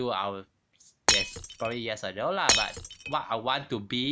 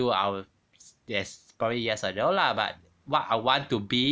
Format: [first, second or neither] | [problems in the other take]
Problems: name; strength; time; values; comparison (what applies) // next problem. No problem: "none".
second | background sound (Shatter); 3 dB above the speech